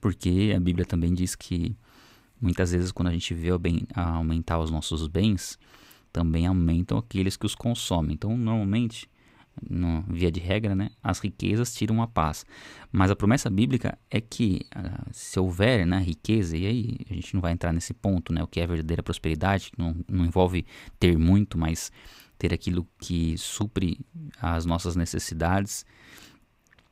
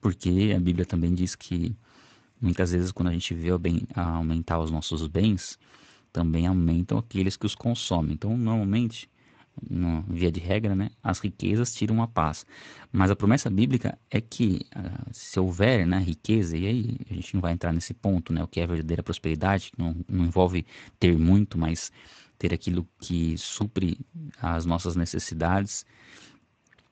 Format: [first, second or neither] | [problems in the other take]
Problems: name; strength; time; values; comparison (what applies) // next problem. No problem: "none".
first | garbled, watery; slightly; nothing above 7.5 kHz